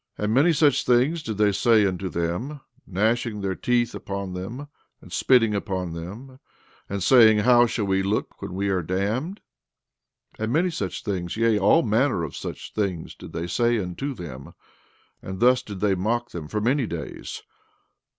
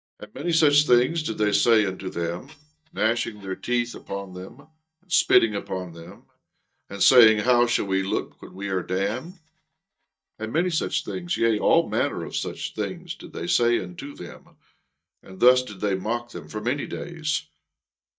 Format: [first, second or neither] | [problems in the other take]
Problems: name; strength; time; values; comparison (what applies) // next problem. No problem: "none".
first | noise reduction (neural mask model DeepFilterNet 3)